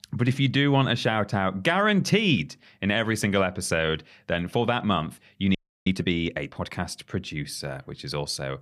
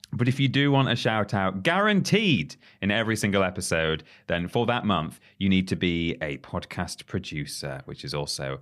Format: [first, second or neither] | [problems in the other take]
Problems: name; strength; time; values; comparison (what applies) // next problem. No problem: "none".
second | audio freezing; at 5.5 s